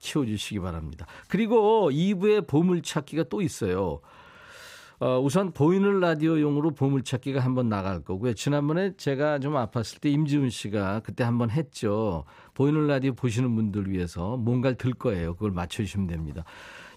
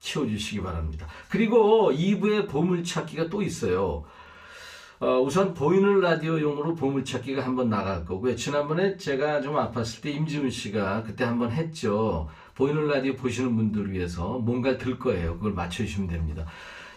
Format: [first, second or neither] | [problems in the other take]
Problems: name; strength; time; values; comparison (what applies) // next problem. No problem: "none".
first | room echo; very slight; dies away in 0.3 s // off-mic speech; far